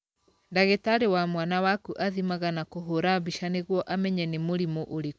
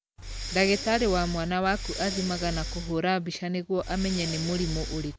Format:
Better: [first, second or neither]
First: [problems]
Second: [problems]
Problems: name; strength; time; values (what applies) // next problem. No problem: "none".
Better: first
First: none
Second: background sound (Breathing); 6 dB below the speech